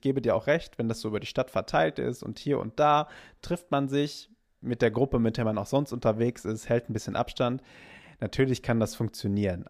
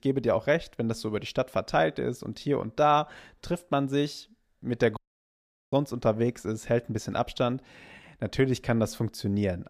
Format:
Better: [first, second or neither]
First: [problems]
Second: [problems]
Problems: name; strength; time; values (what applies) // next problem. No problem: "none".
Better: first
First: none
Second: audio cutting out; at 5 s for 1 s